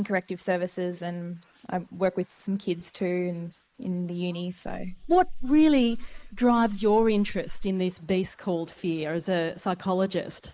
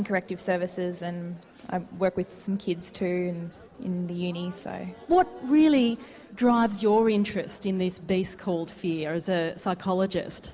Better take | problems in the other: second | noise reduction (neural mask model Resemble Enhance denoiser)

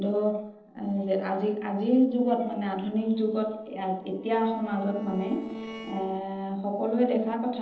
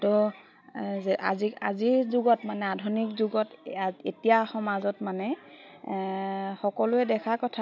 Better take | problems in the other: second | noise reduction (neural separator model SepFormer DNS4)

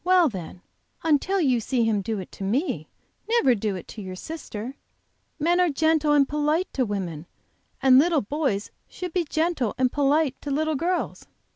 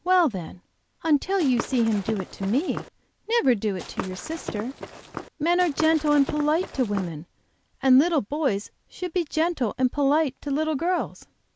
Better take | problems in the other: first | background sound (Walk, footsteps / Run); 11 dB below the speech

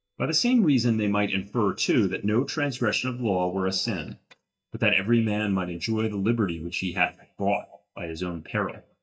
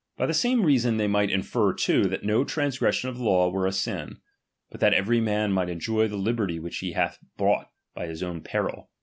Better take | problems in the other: second | noise reduction (neural mask model DeepFilterNet 3)

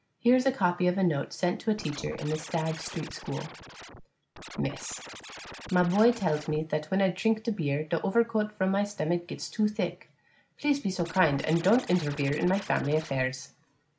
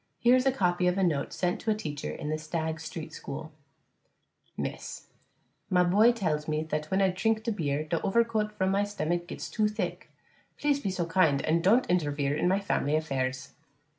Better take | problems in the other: second | background sound (Scratching (performance technique)); 15 dB below the speech

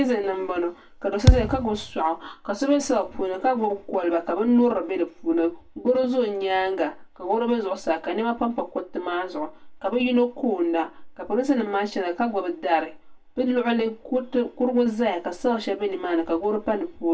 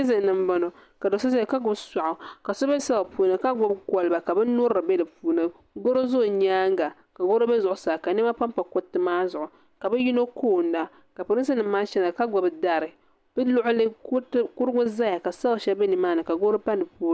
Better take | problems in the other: second | background sound (Thump, thud); 3 dB above the speech // room echo; dies away in 0.2 s

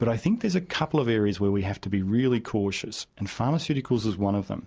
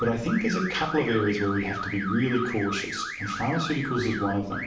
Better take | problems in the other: first | background sound (Alarm / Car); 7 dB below the speech // room echo; dies away in 0.6 s

